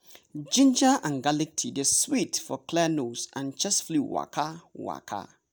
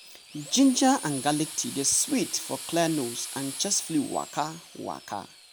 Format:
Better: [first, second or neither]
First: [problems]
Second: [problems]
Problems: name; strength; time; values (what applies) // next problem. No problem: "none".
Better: first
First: none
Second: background sound (Drill); 12 dB below the speech